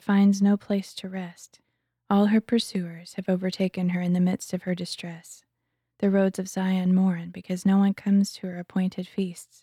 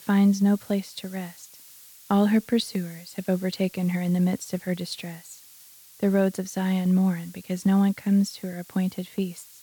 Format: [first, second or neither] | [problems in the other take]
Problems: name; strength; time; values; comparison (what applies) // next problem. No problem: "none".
first | hiss; faint; throughout; 20 dB below the speech